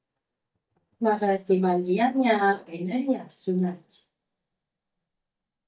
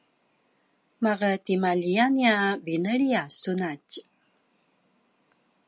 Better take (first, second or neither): second